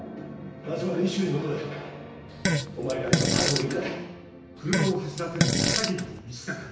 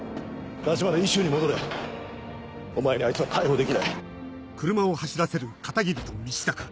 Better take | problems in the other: second | background sound (Fart); 3 dB above the speech // room echo; dies away in 0.9 s

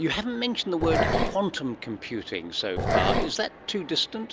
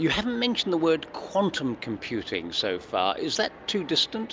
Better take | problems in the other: second | background sound (Growling); 2 dB above the speech

